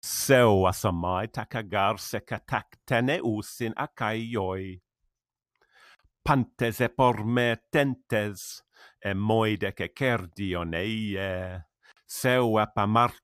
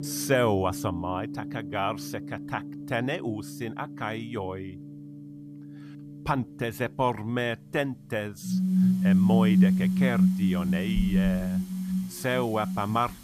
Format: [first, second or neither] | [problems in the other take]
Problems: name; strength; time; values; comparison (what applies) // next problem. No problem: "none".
first | background music; very loud; throughout; 4 dB above the speech